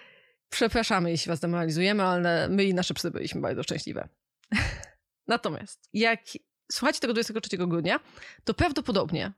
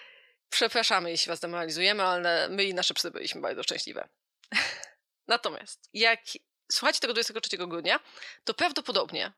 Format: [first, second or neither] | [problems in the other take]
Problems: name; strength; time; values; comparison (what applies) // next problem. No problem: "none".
first | thin; somewhat; fading below 500 Hz